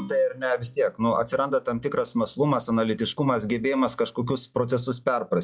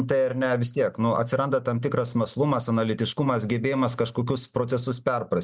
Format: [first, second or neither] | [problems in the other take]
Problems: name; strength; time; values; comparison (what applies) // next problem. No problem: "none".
second | noise reduction (classical method log-MMSE)